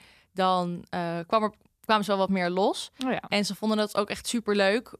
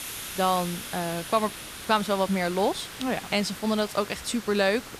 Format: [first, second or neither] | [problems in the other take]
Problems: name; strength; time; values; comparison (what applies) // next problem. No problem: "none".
first | hiss; noticeable; throughout; 10 dB below the speech